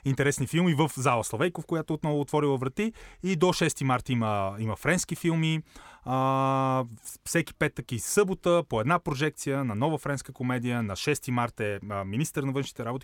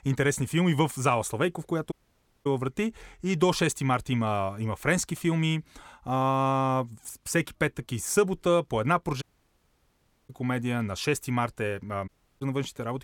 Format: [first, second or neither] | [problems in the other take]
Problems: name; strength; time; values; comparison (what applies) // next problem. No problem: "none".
first | audio cutting out; at 2 s for 0.5 s, at 9 s for 1 s and at 12 s